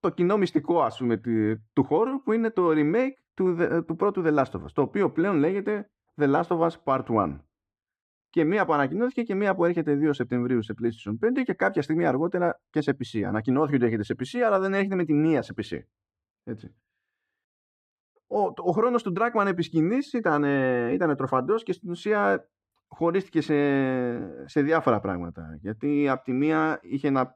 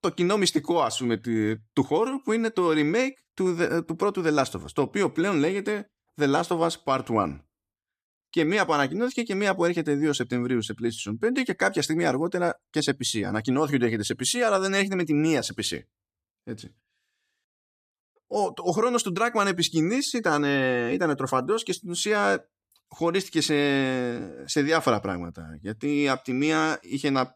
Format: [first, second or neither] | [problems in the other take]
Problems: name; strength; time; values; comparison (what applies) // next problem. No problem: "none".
second | muffled; very; fading above 3.5 kHz